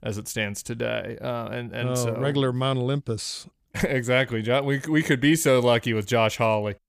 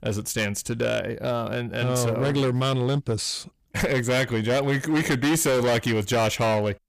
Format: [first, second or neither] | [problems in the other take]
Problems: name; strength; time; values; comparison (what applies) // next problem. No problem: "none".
first | distortion; heavy; 16% of the sound clipped